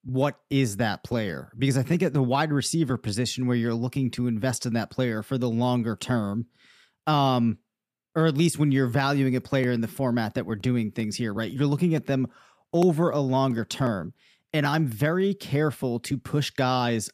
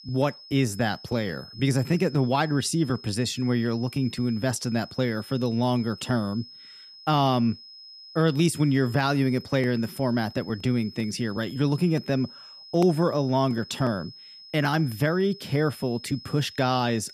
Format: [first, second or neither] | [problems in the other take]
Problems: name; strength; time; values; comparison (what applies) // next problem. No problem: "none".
first | high-pitched whine; noticeable; throughout; 5 kHz, 20 dB below the speech